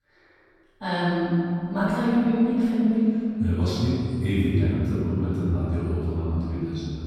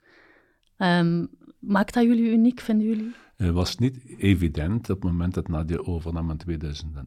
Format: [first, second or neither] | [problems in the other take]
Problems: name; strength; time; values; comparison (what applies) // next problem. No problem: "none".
second | off-mic speech; far // room echo; strong; dies away in 2.7 s